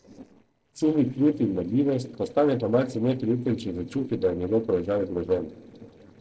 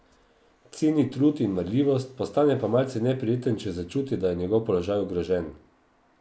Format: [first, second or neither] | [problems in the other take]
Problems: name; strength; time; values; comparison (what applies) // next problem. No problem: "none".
second | noise reduction (neural separator model SepFormer DNS4)